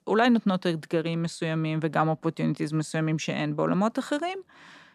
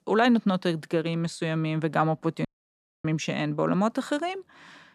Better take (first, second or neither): first